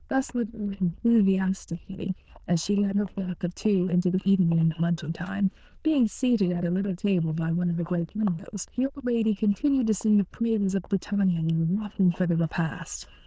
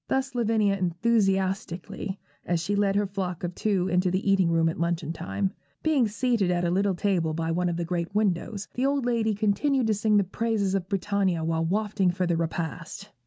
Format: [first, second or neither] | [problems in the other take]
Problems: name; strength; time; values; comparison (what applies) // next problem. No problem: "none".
second | noise reduction (neural diffusion model UNIVERSE++)